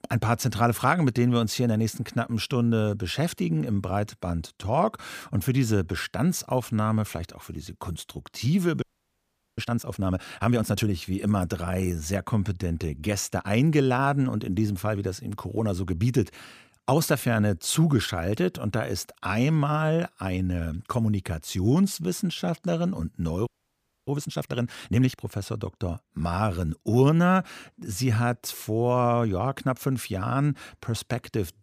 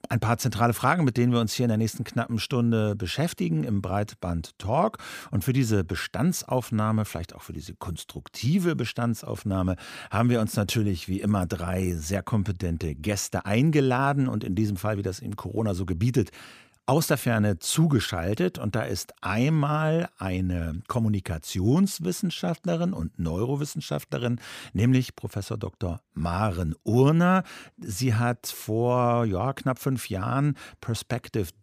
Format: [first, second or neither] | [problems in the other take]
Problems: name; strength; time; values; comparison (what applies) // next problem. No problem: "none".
second | audio freezing; at 9 s for 1 s and at 23 s for 0.5 s